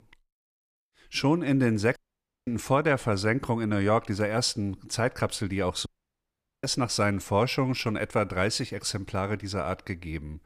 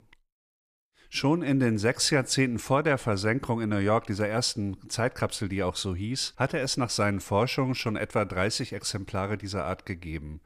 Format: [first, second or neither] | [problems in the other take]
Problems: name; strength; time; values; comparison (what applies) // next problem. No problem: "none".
second | audio cutting out; at 2 s for 0.5 s and at 6 s for 1 s